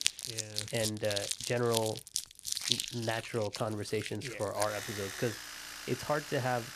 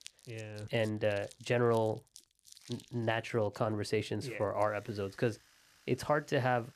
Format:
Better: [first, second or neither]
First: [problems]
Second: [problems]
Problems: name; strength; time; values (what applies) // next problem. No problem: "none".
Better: second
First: household noises; loud; throughout; 2 dB below the speech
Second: household noises; faint; throughout; 25 dB below the speech